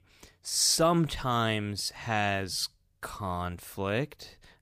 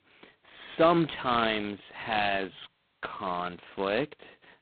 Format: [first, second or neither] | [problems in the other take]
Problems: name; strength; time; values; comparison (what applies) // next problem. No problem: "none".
first | phone-call audio; poor line; nothing above 4 kHz